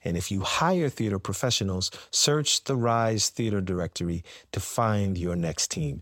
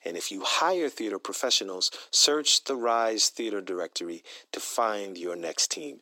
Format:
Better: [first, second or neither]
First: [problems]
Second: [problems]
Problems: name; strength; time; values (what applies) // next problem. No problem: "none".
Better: first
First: none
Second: thin; somewhat; fading below 300 Hz